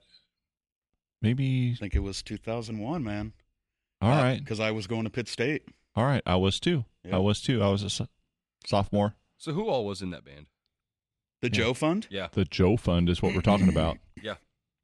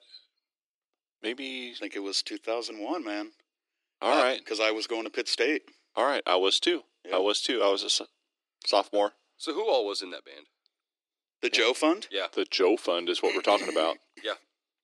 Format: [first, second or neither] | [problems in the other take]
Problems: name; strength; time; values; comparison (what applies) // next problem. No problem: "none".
first | thin; very; fading below 300 Hz